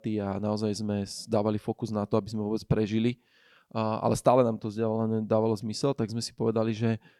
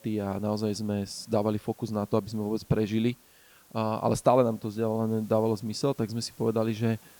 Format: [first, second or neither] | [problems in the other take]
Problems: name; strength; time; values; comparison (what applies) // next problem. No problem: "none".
first | hiss; faint; throughout; 25 dB below the speech